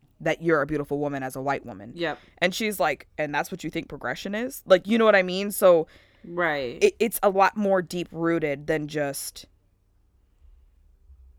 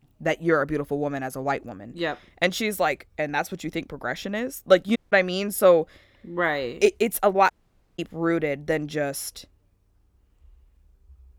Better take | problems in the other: first | audio cutting out; at 5 s and at 7.5 s

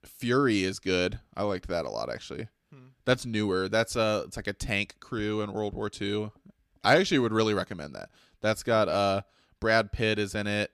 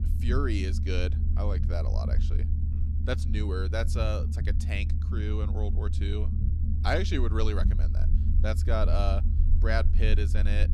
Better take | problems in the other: first | low rumble; loud; throughout; 10 dB below the speech

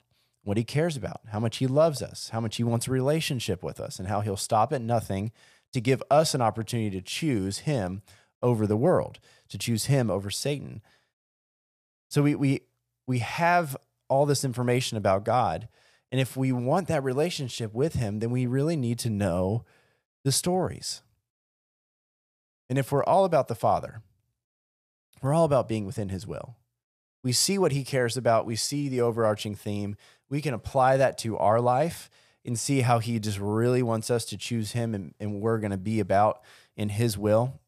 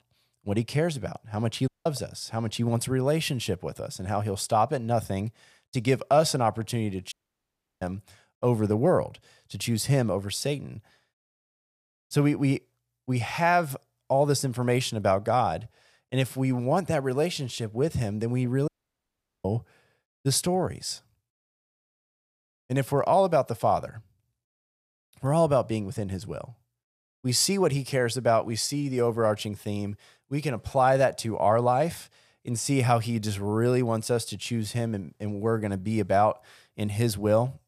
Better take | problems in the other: first | audio cutting out; at 1.5 s, at 7 s for 0.5 s and at 19 s for 1 s

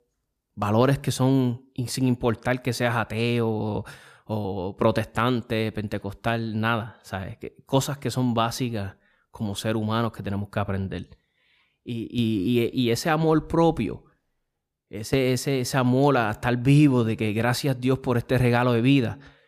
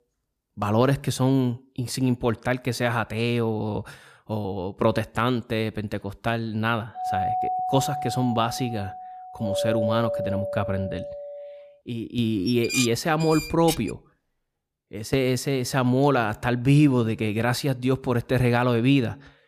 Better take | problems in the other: first | doorbell; noticeable; from 7 to 12 s; peak 1 dB below the speech // clattering dishes; noticeable; from 12 to 14 s; peak 1 dB below the speech

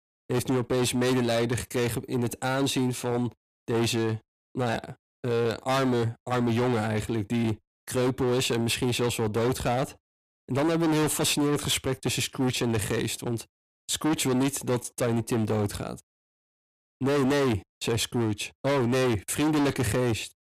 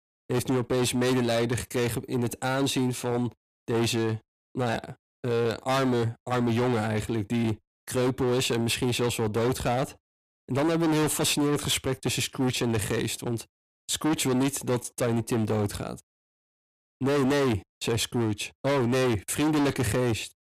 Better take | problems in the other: neither | distortion; heavy; 19% of the sound clipped; the same in both

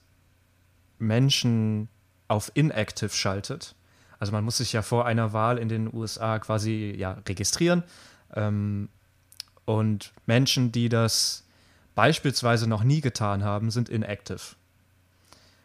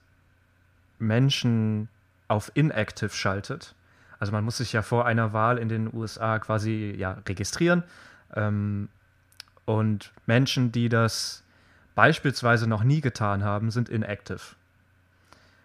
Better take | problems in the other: first | muffled; very slightly; fading above 3.5 kHz

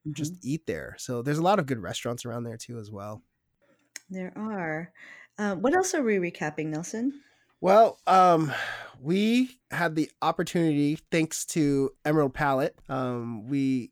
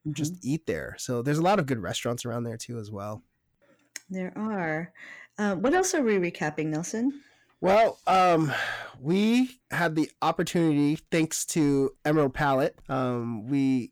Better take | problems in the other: first | distortion; slight; 10 dB below the speech

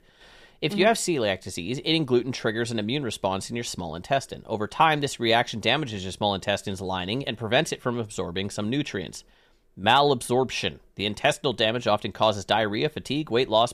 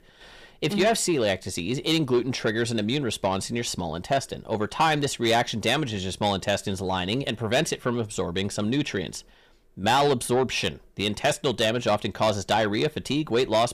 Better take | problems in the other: first | distortion; slight; 10 dB below the speech

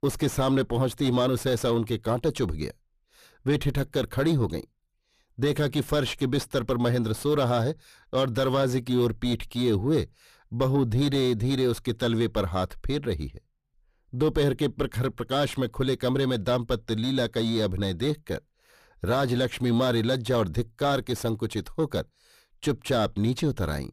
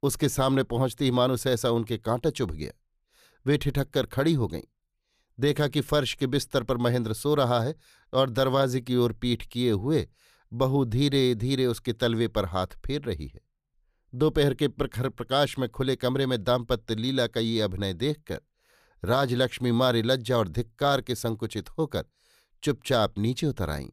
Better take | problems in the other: second | distortion; slight; 10 dB below the speech

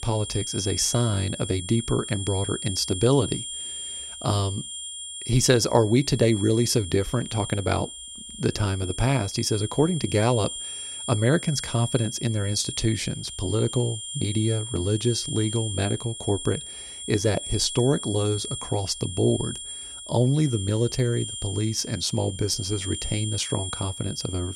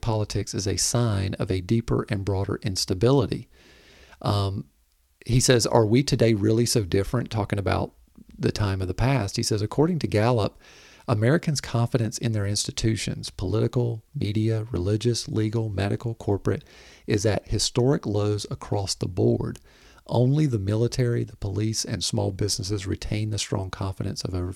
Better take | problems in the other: second | high-pitched whine; loud; throughout; 3 kHz, 8 dB below the speech

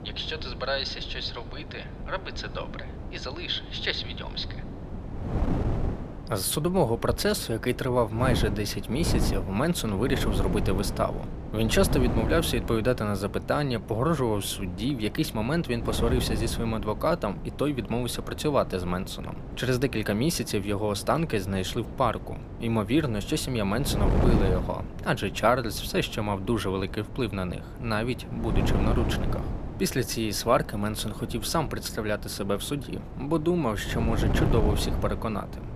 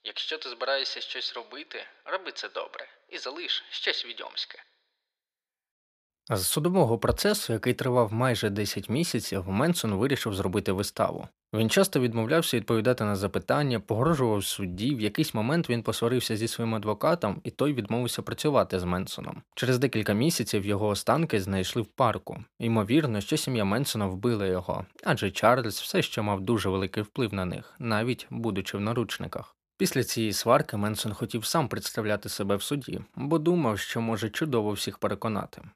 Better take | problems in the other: second | wind noise on the microphone; occasional gusts; 10 dB below the speech

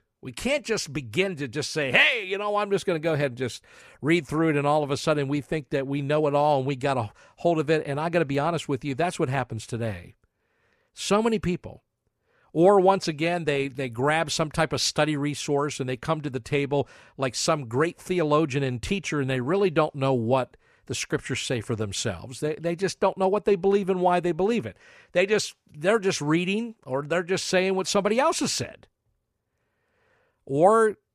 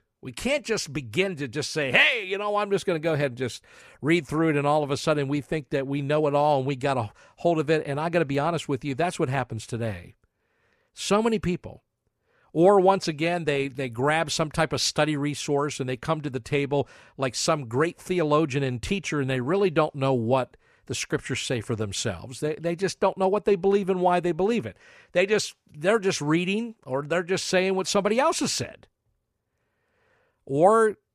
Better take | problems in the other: neither | none

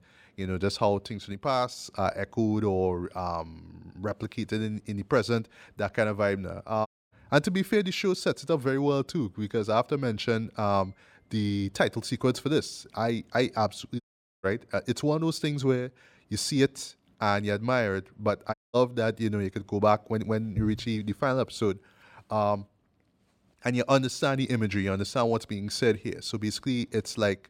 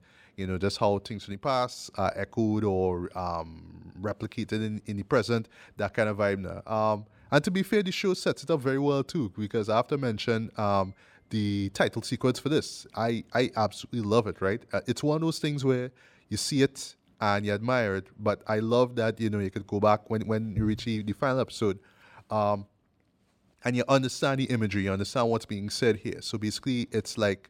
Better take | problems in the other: second | audio cutting out; at 7 s, at 14 s and at 19 s

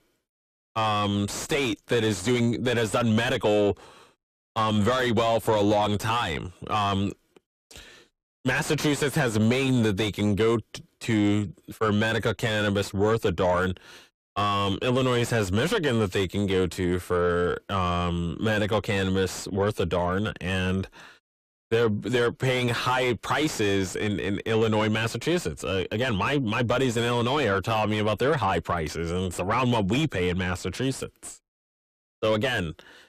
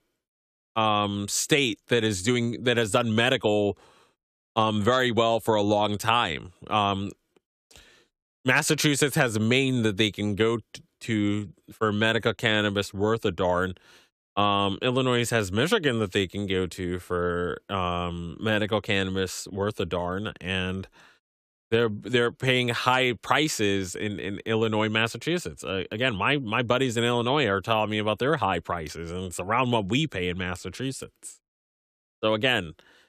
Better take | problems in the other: second | distortion; heavy; 6 dB below the speech

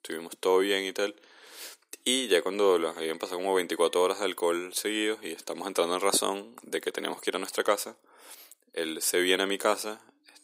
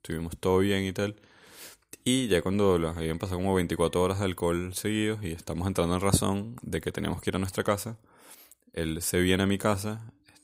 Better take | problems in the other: second | thin; somewhat; fading below 300 Hz

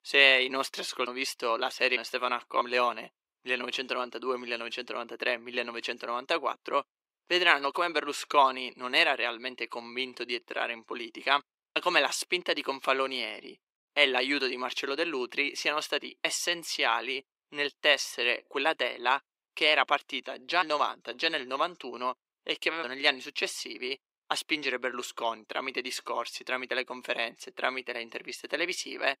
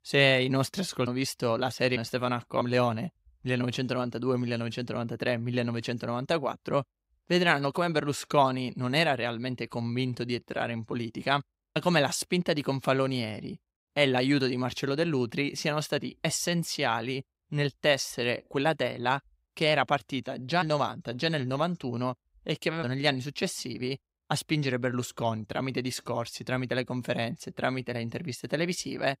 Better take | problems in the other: second | thin; somewhat; fading below 350 Hz

